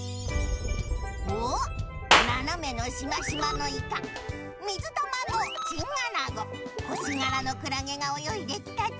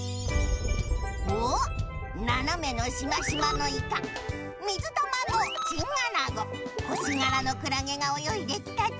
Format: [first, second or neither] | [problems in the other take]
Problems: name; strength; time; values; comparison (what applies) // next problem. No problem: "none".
second | background sound (Clapping); as loud as the speech